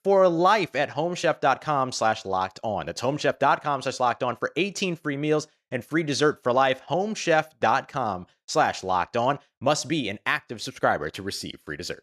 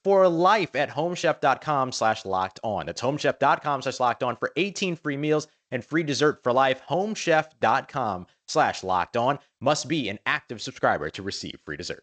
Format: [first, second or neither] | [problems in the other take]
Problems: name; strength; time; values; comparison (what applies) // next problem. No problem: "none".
first | garbled, watery; slightly; nothing above 7.5 kHz